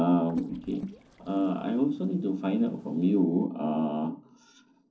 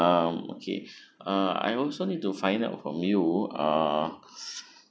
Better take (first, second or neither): second